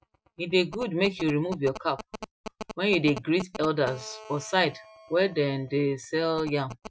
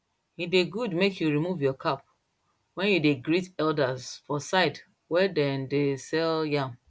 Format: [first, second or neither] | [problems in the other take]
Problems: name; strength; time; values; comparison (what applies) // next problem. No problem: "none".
second | noise reduction (classical method Wiener filter)